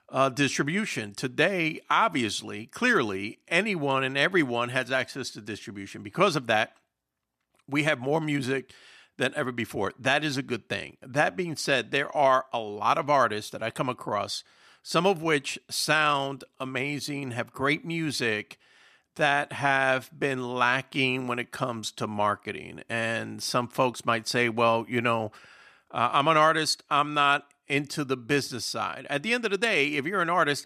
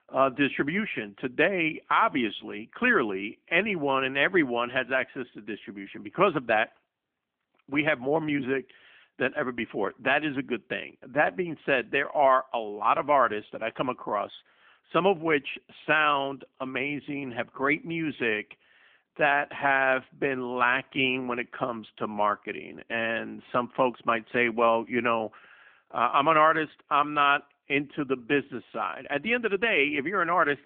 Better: first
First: none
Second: phone-call audio; nothing above 3 kHz

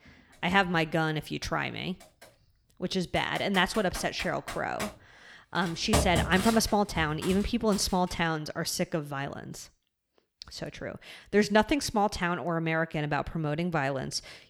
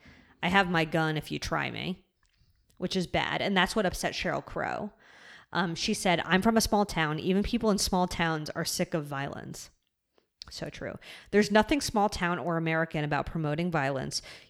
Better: second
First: keyboard typing; loud; from 3.5 to 8 s; peak 1 dB above the speech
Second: none

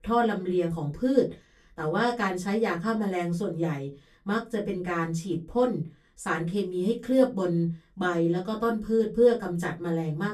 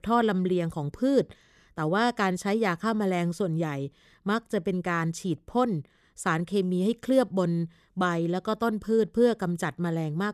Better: second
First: off-mic speech; far // room echo; very slight; dies away in 0.2 s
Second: none

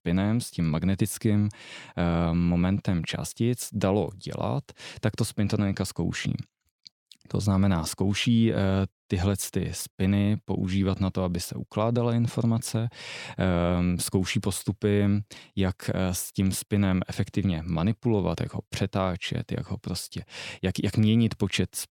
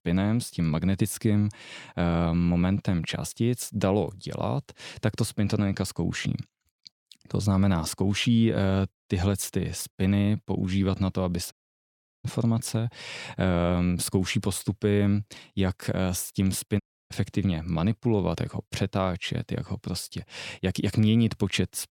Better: first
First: none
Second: audio cutting out; at 12 s for 0.5 s and at 17 s

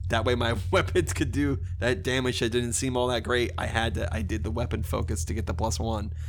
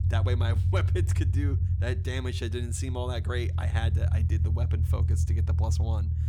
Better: first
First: low rumble; faint; throughout; 20 dB below the speech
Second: low rumble; loud; throughout; 5 dB below the speech

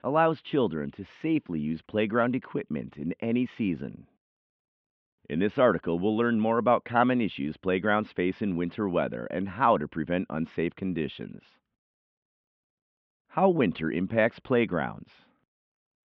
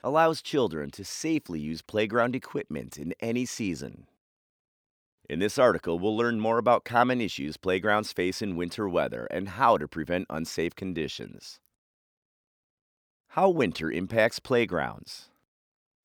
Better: second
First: muffled; very; fading above 3 kHz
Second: none

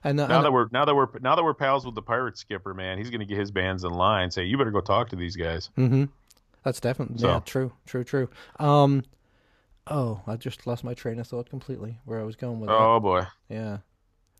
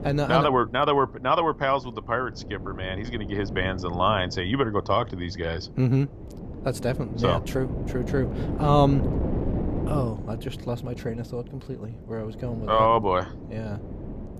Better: first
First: none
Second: wind noise on the microphone; occasional gusts; 15 dB below the speech

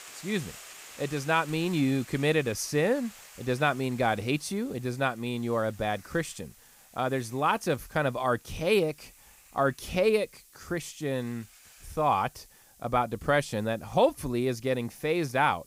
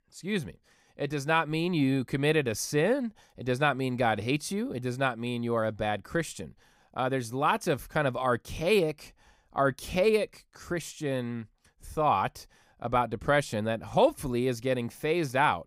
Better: second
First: hiss; faint; throughout; 20 dB below the speech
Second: none

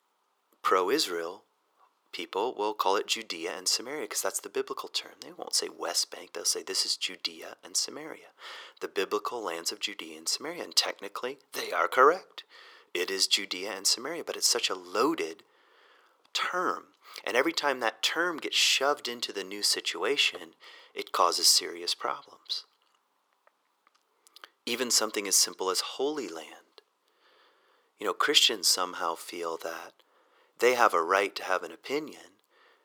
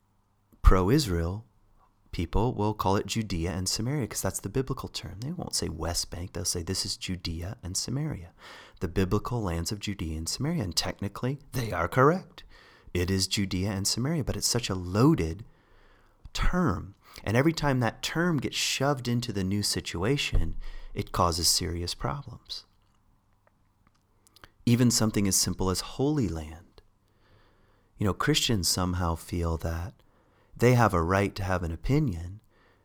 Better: second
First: thin; very; fading below 400 Hz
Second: none

